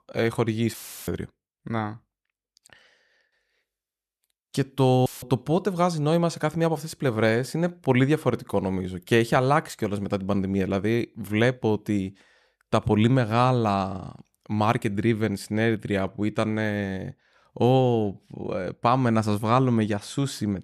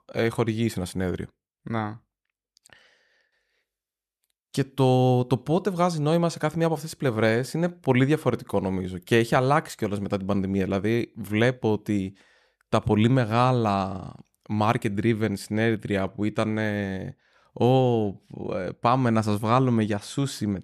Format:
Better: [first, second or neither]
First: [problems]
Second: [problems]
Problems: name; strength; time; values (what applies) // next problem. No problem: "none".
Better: second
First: audio cutting out; filled with static; at 0.5 s and at 5 s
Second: none